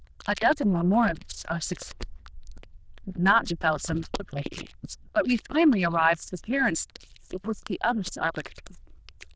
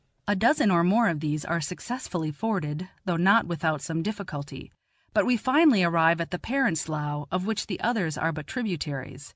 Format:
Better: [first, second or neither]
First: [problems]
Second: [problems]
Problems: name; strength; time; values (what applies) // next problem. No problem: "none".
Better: second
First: noise reduction (neural diffusion model UNIVERSE++)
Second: none